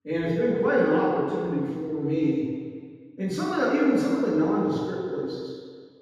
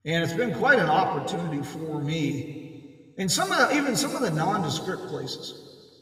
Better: second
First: room echo; strong; dies away in 1.9 s // off-mic speech; far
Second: room echo; slight; dies away in 2.3 s

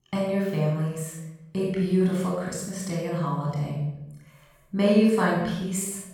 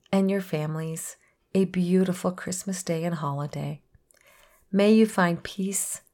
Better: second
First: off-mic speech; far // room echo; noticeable; dies away in 0.8 s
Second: none

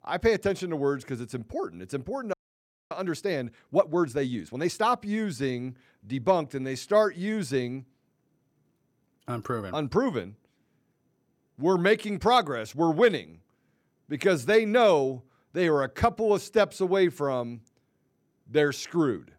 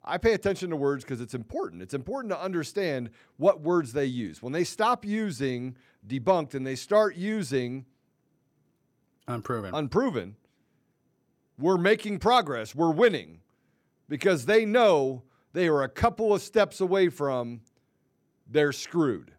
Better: second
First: audio freezing; at 2.5 s for 0.5 s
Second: none

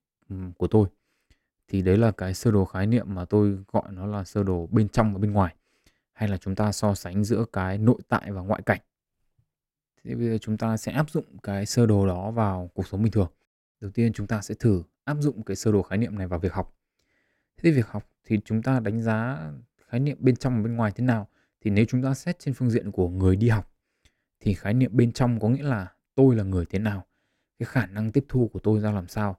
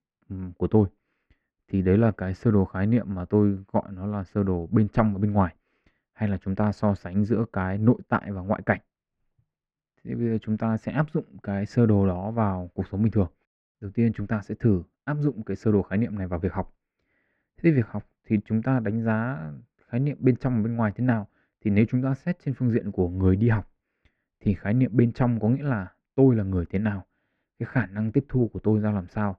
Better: first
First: none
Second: muffled; very; fading above 2 kHz

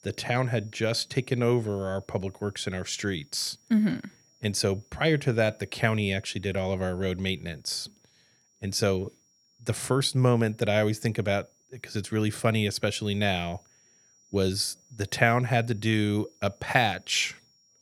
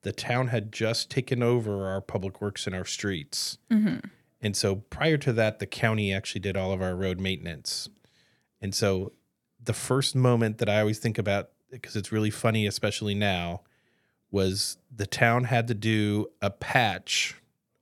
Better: second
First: high-pitched whine; faint; throughout; 5.5 kHz, 35 dB below the speech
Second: none

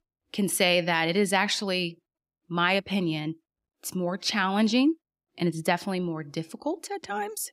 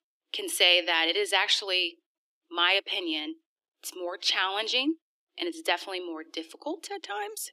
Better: first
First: none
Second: thin; very; fading below 300 Hz

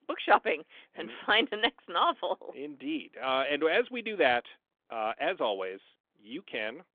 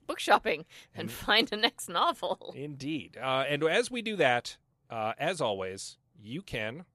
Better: second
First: phone-call audio; nothing above 3.5 kHz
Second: none

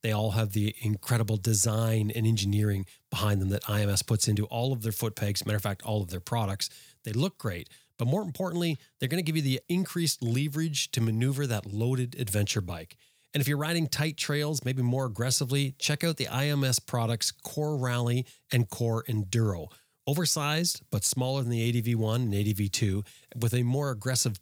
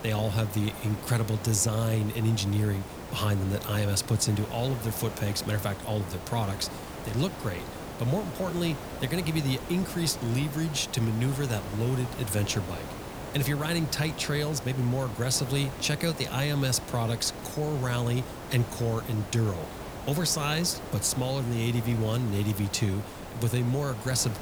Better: first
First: none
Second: hiss; noticeable; throughout; 10 dB below the speech

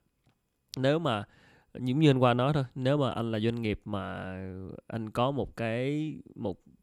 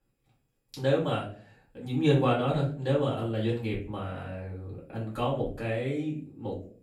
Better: first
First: none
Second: off-mic speech; far // room echo; slight; dies away in 0.4 s

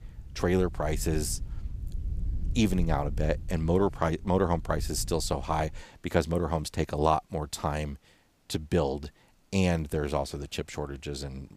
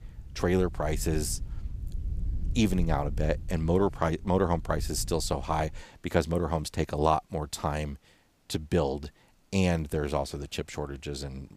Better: neither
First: wind noise on the microphone; occasional gusts; until 6 s; 25 dB below the speech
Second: wind noise on the microphone; occasional gusts; until 6 s; 25 dB below the speech

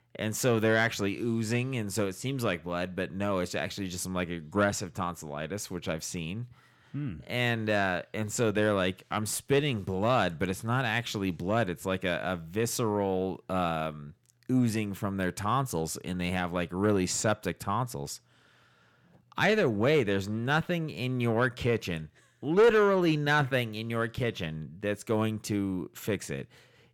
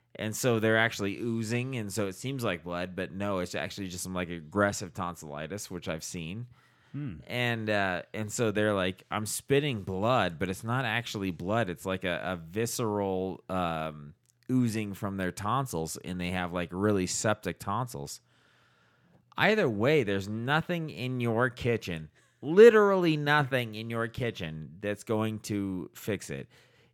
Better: second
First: distortion; slight; 10 dB below the speech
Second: none

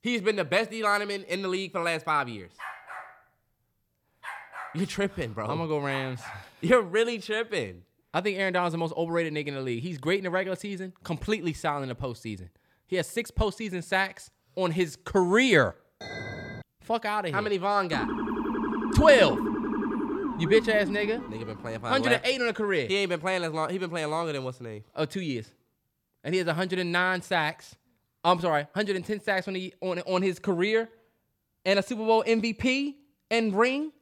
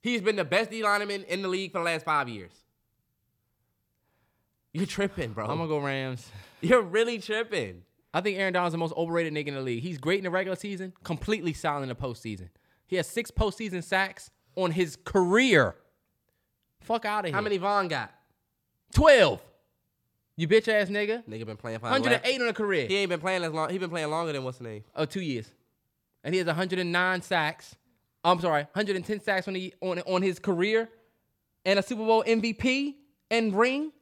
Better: second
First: dog barking; faint; from 2.5 to 6.5 s; peak 10 dB below the speech // clattering dishes; noticeable; at 16 s; peak 10 dB below the speech // siren; noticeable; from 18 to 22 s; peak 2 dB below the speech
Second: none

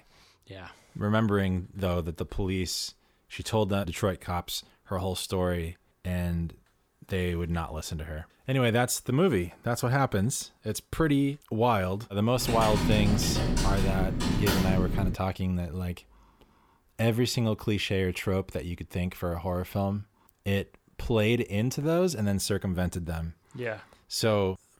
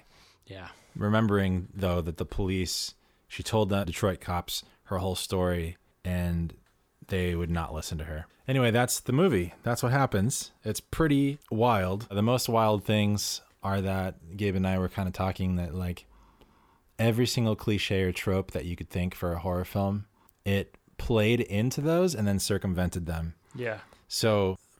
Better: second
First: keyboard typing; loud; from 12 to 15 s; peak 2 dB above the speech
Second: none

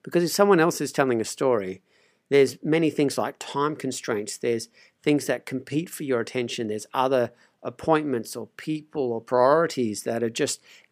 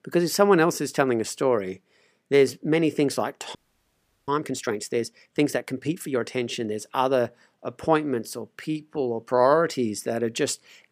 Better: first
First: none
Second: audio freezing; at 3.5 s for 0.5 s

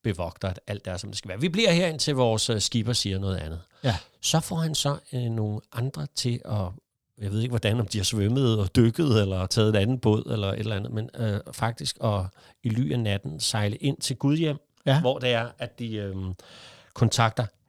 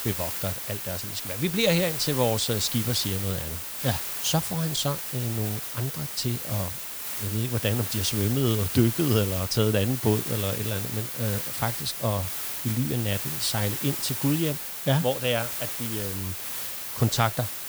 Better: first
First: none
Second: hiss; loud; throughout; 3 dB below the speech

